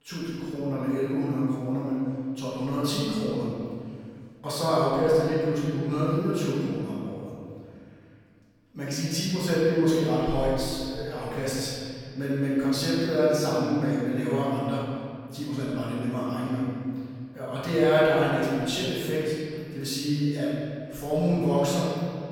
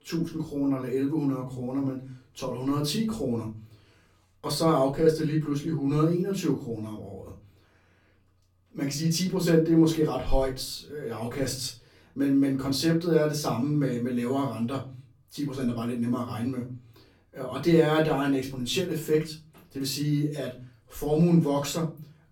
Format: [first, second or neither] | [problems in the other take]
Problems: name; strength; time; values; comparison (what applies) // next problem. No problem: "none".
second | room echo; strong; dies away in 2.1 s; slight in the second // off-mic speech; far; far in the second